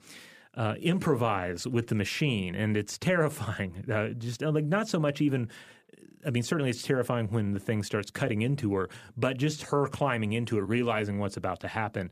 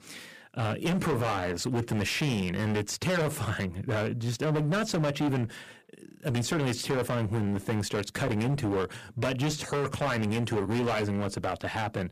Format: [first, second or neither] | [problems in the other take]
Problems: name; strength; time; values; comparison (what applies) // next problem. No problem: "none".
first | distortion; heavy; 21% of the sound clipped